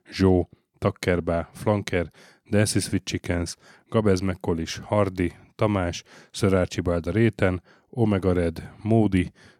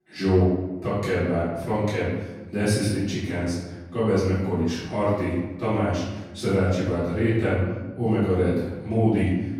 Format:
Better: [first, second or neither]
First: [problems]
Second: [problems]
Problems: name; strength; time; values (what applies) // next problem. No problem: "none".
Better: first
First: none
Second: off-mic speech; far // room echo; noticeable; dies away in 1.1 s